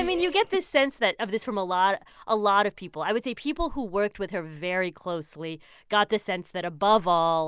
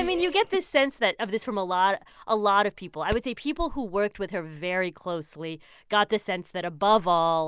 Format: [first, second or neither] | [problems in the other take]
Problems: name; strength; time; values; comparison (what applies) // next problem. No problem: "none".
first | background sound (Hammer); 10 dB below the speech